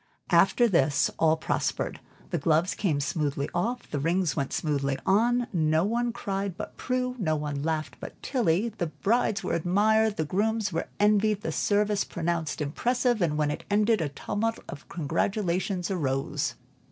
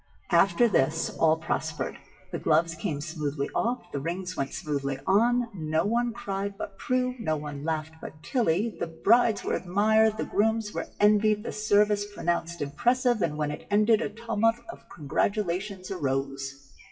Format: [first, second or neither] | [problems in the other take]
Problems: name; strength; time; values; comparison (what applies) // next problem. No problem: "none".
first | noise reduction (classical method WPE with log-MMSE)